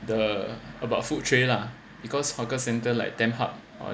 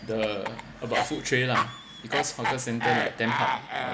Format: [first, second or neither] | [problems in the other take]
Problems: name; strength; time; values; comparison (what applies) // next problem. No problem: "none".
first | background sound (Cough); as loud as the speech